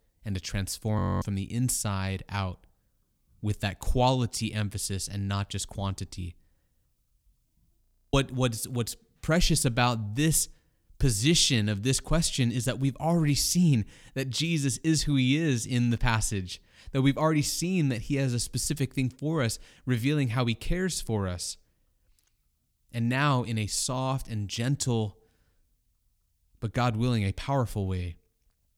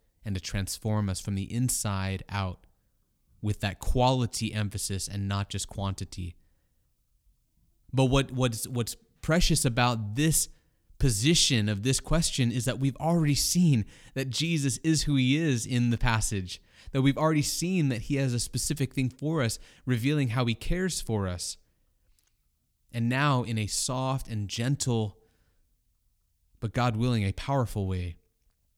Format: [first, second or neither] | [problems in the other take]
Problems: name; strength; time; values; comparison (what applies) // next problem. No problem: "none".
second | audio freezing; at 1 s and at 8 s